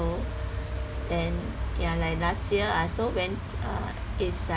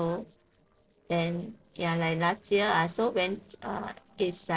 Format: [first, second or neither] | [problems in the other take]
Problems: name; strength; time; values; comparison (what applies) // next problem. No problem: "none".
first | noise reduction (neural separator model SepFormer DNS4)